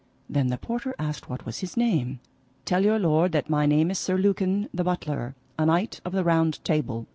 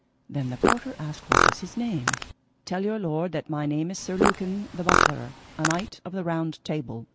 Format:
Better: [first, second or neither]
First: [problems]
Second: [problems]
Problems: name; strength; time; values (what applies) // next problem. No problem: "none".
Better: first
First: none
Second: background sound (Fart); 4 dB above the speech